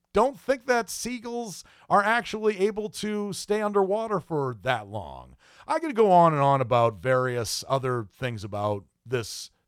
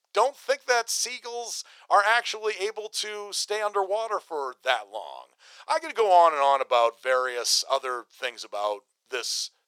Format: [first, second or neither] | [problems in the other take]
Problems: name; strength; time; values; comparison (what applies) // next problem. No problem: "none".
first | thin; very; fading below 450 Hz